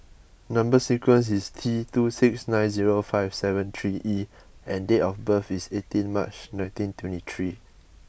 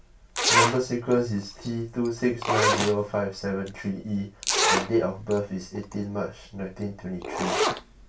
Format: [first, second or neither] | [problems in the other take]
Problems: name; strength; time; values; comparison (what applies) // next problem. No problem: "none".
first | background sound (Zipper (clothing)); 1 dB below the speech // room echo; dies away in 0.2 s